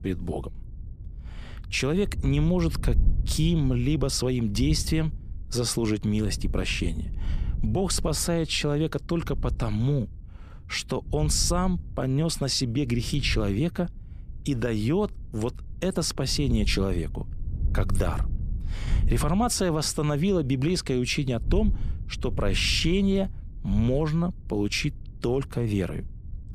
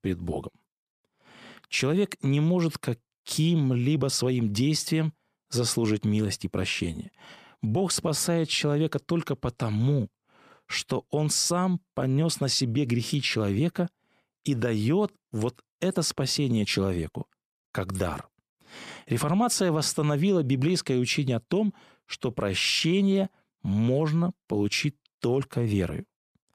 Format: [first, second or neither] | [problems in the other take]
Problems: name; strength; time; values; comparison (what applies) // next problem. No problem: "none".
second | wind noise on the microphone; occasional gusts; 20 dB below the speech